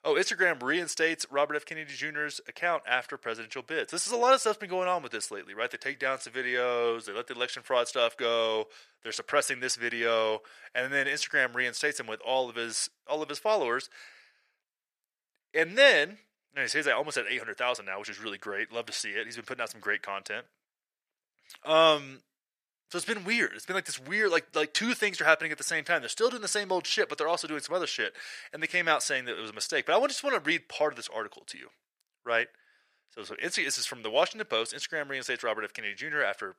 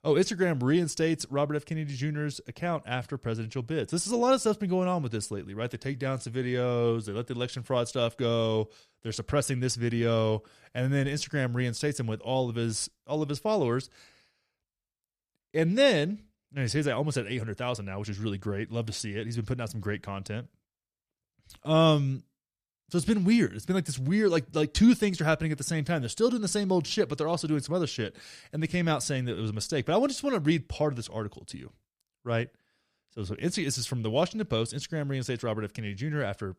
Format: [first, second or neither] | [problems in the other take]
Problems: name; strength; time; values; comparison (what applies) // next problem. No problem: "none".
second | thin; very; fading below 600 Hz